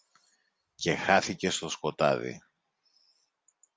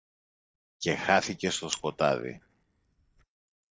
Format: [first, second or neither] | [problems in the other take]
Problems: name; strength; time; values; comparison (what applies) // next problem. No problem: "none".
first | noise reduction (neural mask model DeepFilterNet 3)